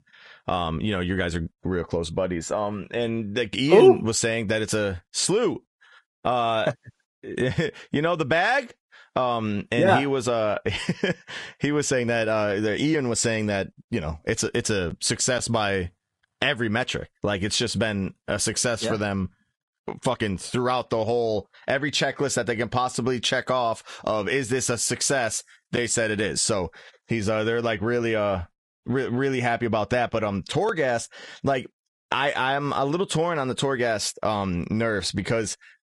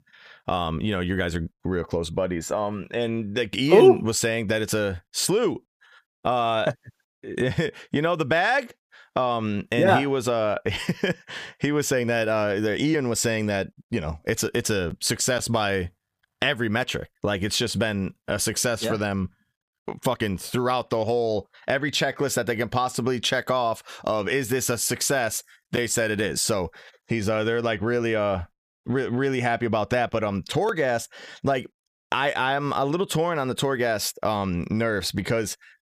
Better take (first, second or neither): second